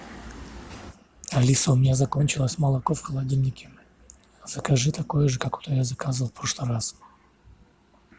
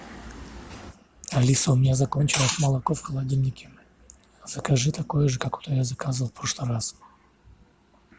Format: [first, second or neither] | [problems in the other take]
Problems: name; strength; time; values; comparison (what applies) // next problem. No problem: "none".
first | background sound (Liquid); 4 dB below the speech